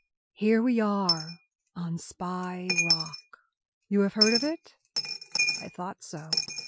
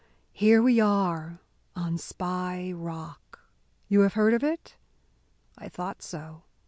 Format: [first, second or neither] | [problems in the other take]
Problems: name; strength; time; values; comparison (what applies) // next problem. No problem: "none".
second | noise reduction (classical method Wiener filter)